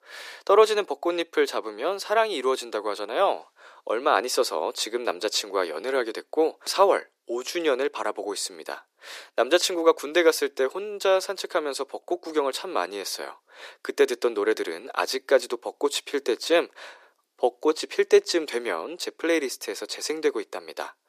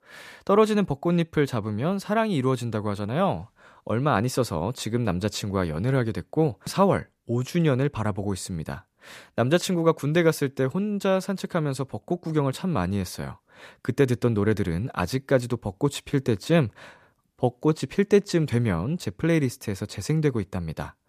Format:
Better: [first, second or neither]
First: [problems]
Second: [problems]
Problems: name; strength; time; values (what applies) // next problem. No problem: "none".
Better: second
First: thin; very; fading below 350 Hz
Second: none